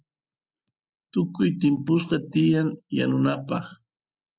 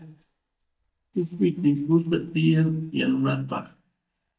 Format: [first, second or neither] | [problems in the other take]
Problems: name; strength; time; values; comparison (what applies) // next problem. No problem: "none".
first | noise reduction (neural mask model DeepFilterNet 3)